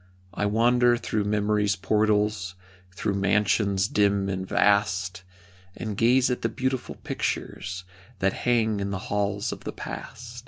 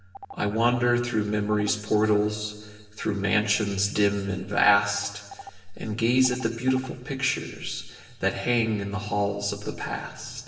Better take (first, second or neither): first